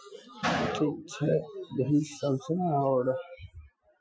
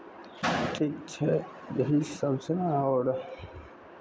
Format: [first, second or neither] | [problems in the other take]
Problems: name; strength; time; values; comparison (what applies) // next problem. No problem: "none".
second | noise reduction (classical method Wiener filter)